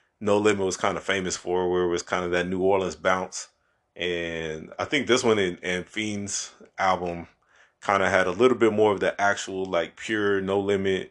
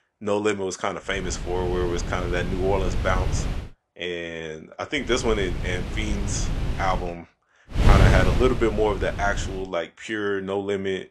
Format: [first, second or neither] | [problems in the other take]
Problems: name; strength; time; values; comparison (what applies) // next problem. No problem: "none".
first | wind noise on the microphone; heavy; from 1 to 3.5 s, from 5 to 7 s and from 8 to 9.5 s; 8 dB below the speech